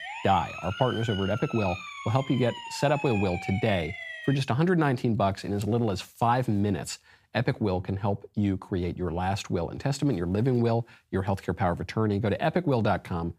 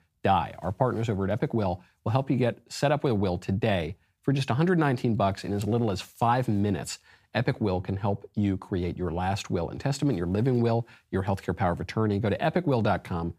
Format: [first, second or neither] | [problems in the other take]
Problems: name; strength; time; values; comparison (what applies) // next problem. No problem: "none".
second | siren; noticeable; until 4.5 s; peak 7 dB below the speech